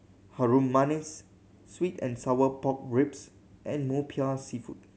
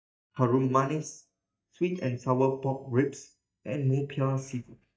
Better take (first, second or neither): first